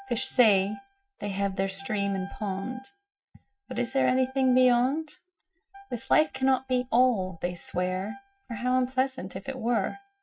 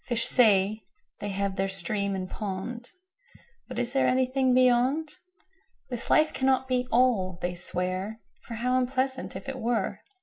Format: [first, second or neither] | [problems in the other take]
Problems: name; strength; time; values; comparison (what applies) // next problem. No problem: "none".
second | noise reduction (neural mask model RNNoise)